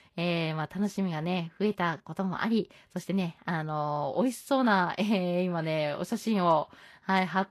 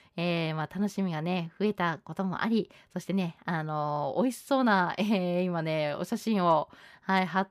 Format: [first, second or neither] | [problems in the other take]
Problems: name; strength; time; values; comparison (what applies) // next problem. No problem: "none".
second | garbled, watery; slightly; nothing above 12.5 kHz